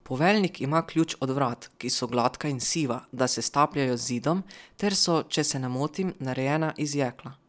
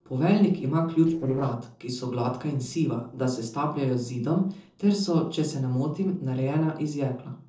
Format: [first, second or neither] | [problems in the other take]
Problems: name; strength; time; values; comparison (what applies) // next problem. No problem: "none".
first | noise reduction (neural separator model SepFormer DNS4)